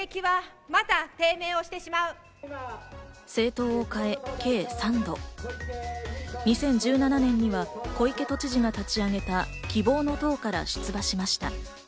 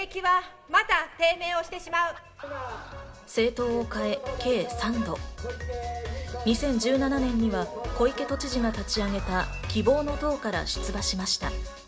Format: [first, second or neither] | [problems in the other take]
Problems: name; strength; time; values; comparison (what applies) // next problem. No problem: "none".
first | background sound (Scratching (performance technique)); 20 dB below the speech // room echo; dies away in 0.6 s